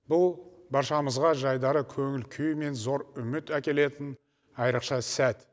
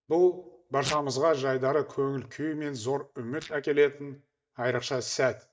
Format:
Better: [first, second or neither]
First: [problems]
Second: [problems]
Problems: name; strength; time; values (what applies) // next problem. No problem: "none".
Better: first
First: none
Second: noise reduction (neural mask model DeepFilterNet 3)